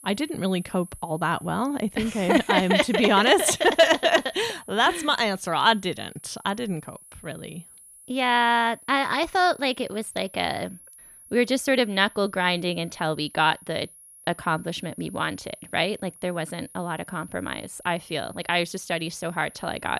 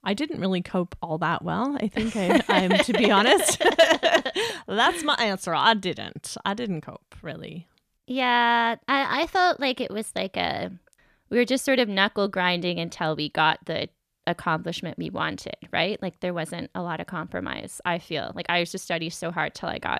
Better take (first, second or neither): second